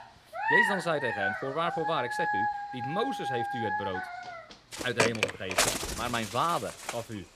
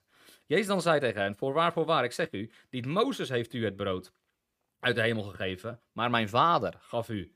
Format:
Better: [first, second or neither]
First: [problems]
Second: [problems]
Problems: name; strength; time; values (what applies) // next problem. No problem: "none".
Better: second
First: animal sounds; very loud; throughout; 3 dB above the speech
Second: none